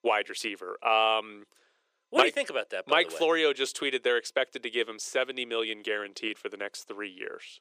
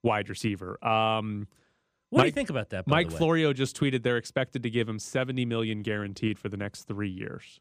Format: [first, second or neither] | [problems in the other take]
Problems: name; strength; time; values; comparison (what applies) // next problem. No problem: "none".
second | thin; very; fading below 400 Hz